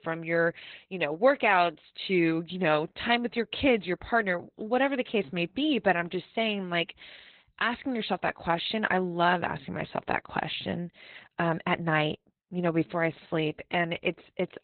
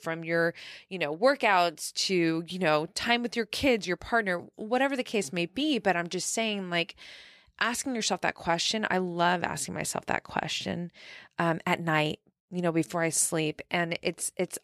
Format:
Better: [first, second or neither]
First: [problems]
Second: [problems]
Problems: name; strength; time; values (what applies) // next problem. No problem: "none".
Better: second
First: garbled, watery; badly; nothing above 4 kHz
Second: none